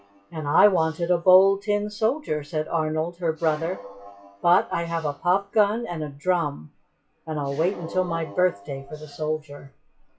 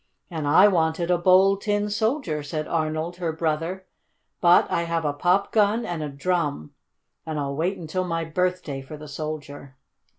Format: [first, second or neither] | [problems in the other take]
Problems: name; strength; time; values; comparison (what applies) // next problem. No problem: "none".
second | noise reduction (classical method WPE with log-MMSE)